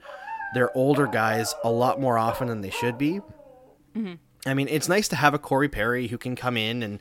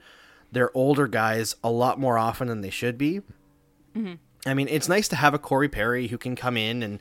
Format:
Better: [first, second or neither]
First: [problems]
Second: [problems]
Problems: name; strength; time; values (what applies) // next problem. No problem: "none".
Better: second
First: dog barking; noticeable; until 3.5 s; peak 7 dB below the speech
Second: none